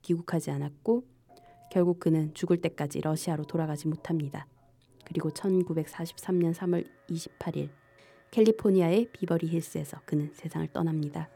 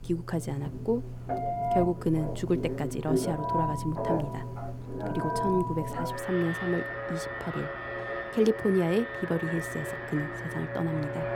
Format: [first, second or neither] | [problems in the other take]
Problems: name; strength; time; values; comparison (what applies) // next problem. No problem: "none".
first | alarms or sirens; loud; throughout; 3 dB below the speech; faint in the first